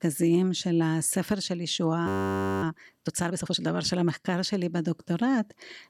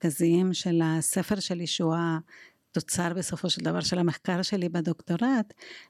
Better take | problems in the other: second | audio freezing; at 2 s for 0.5 s

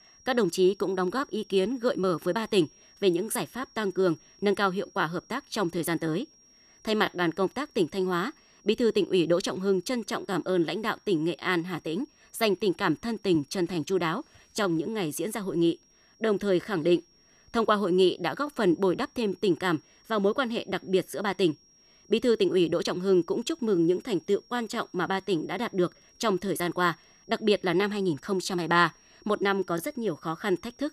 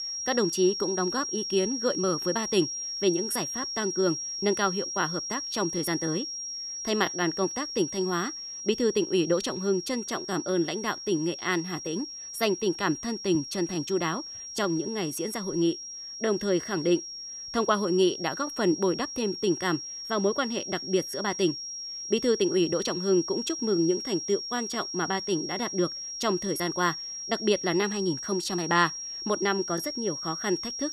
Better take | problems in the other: first | high-pitched whine; loud; throughout; 5.5 kHz, 5 dB below the speech; faint in the first

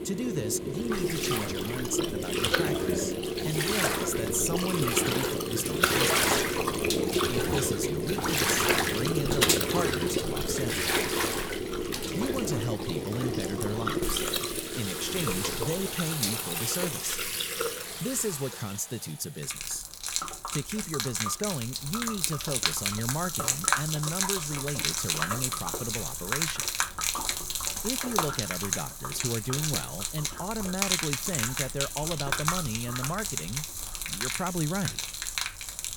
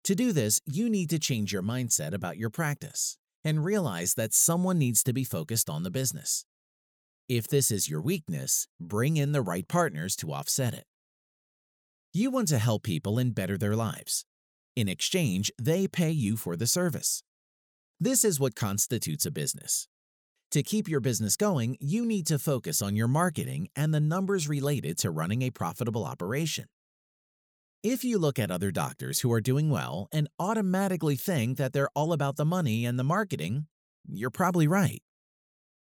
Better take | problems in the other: second | rain or running water; very loud; throughout; 5 dB above the speech

